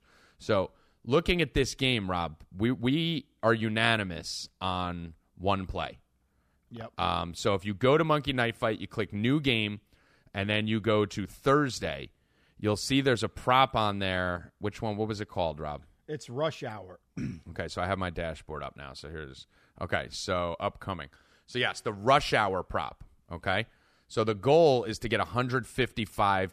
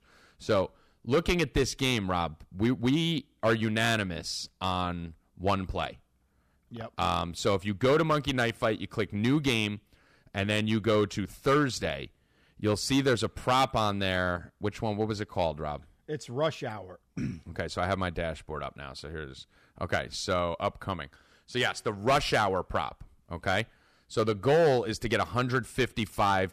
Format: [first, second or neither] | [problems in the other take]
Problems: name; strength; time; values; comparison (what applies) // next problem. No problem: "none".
first | distortion; slight; 3% of the sound clipped